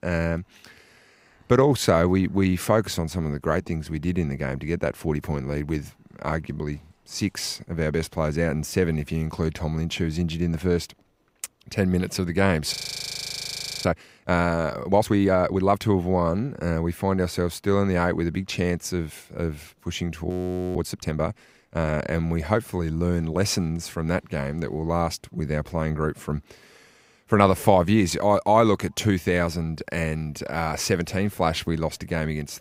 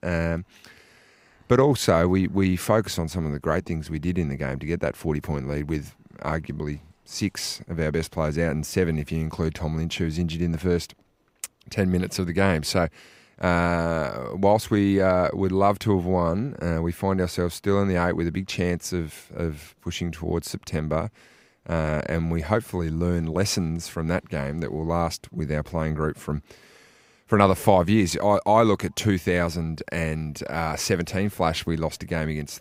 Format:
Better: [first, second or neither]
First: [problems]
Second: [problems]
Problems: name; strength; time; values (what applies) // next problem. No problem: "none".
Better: second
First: audio freezing; at 13 s for 1 s and at 20 s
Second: none